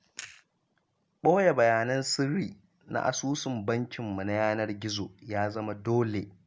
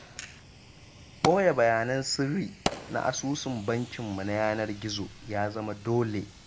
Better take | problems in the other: first | background sound (Fire); 12 dB below the speech

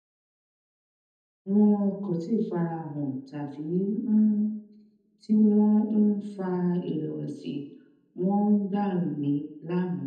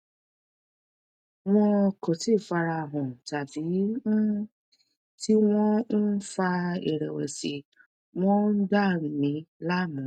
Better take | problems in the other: second | room echo; dies away in 0.8 s

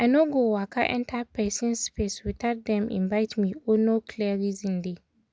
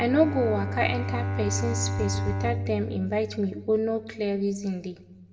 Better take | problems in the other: first | background sound (Bowed string instrument); 4 dB below the speech // room echo; dies away in 0.7 s

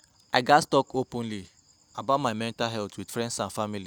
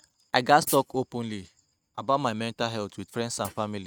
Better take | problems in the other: first | noise reduction (neural mask model RNNoise)

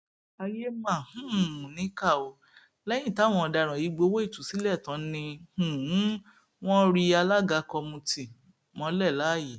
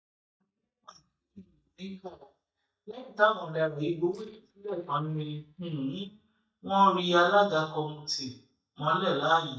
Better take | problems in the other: first | noise reduction (neural mask model DeepFilterNet 3)

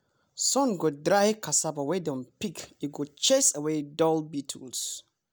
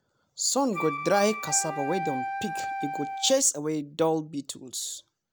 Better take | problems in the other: first | background sound (Wind instrument, woodwind instrument); 5 dB below the speech

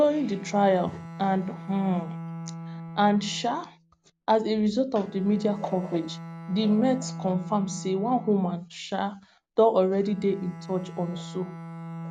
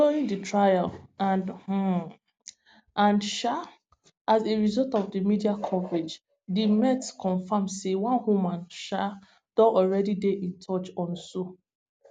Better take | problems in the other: second | background sound (Bowed string instrument); 13 dB below the speech

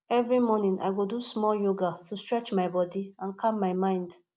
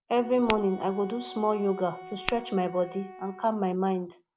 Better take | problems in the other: first | background sound (Tap / Glass + Wind instrument, woodwind instrument); 13 dB below the speech

